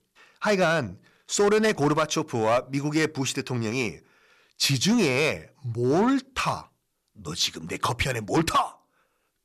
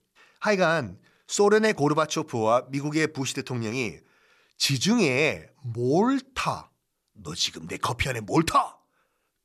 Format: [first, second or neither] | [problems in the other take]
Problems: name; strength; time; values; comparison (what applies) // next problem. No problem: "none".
second | distortion; slight; 5% of the sound clipped